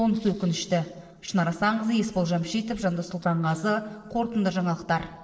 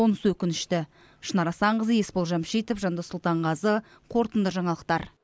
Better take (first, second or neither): second